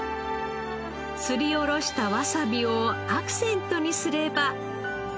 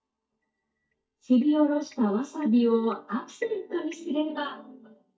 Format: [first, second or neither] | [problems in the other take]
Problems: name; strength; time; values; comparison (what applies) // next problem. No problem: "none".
first | noise reduction (neural mask model DeepFilterNet 3)